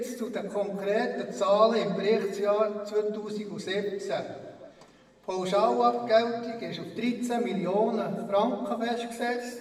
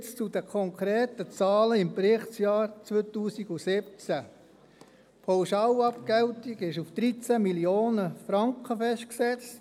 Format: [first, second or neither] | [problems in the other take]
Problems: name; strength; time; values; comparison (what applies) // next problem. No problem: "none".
second | room echo; dies away in 1.2 s